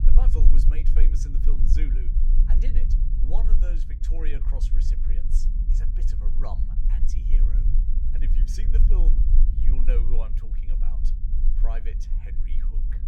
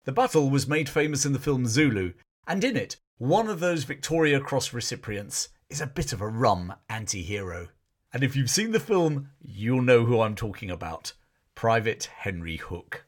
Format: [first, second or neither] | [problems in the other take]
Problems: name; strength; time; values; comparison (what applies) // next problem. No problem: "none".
second | low rumble; loud; throughout; 3 dB below the speech